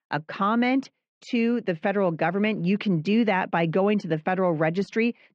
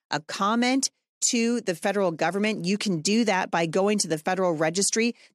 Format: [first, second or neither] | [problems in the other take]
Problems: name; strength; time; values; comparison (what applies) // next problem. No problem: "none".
second | muffled; very; fading above 3 kHz